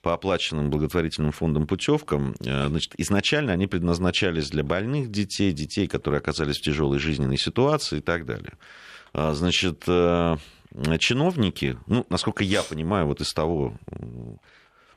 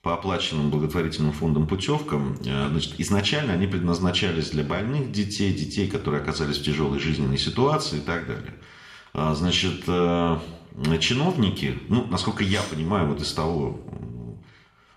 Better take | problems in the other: first | room echo; slight; dies away in 0.7 s

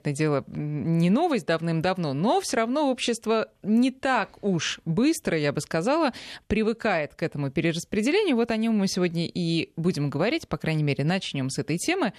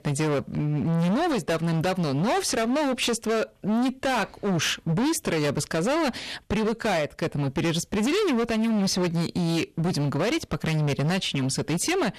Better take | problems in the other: first | distortion; heavy; 30% of the sound clipped

